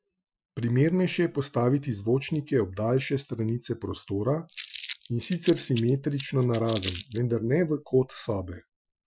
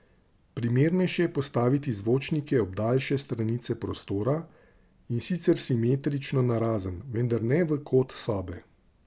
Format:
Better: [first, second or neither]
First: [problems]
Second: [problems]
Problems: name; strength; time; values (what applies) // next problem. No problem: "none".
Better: second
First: noise reduction (classical method Wiener filter)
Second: none